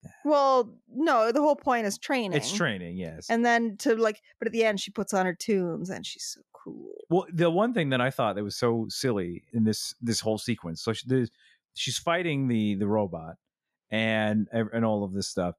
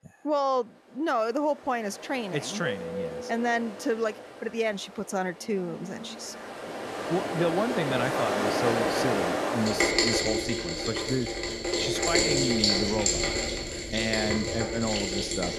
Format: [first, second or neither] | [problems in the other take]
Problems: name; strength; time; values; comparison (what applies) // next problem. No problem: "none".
first | rain or running water; very loud; throughout; 3 dB above the speech